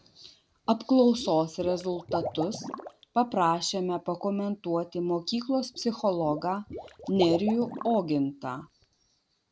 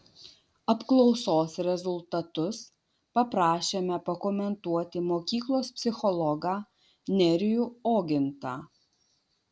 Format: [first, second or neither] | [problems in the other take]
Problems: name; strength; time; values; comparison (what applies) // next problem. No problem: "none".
second | background sound (Liquid); 12 dB below the speech